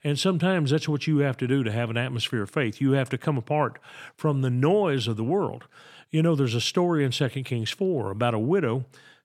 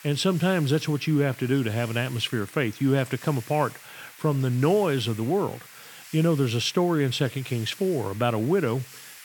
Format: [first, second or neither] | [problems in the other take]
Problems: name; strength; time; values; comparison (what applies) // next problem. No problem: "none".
first | hiss; noticeable; throughout; 20 dB below the speech